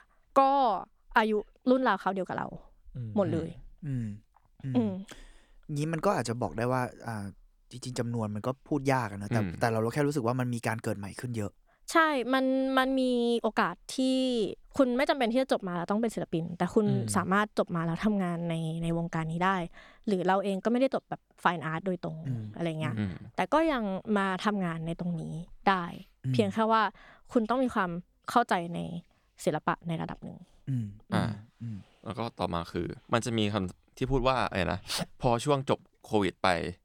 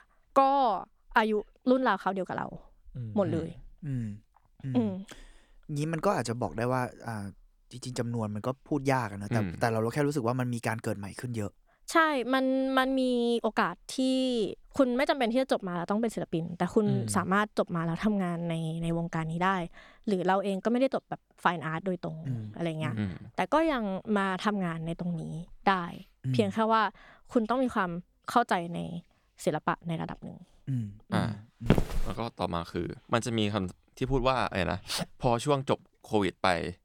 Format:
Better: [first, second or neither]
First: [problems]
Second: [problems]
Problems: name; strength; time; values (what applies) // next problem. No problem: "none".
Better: first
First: none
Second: footsteps; loud; at 32 s; peak 2 dB above the speech